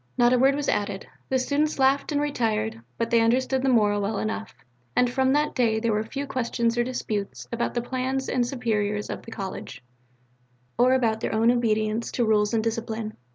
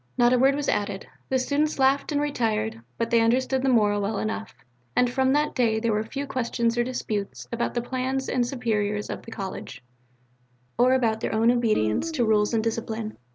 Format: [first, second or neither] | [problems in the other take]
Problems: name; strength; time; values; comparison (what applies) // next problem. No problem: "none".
first | background sound (Guitar); 10 dB below the speech